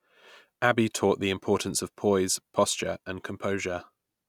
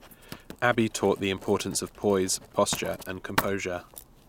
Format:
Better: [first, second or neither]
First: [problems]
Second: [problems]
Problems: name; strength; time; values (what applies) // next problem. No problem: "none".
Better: first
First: none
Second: background sound (Writing); 11 dB below the speech